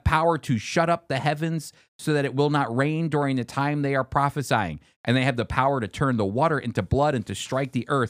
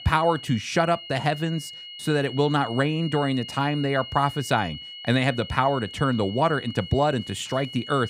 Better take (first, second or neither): first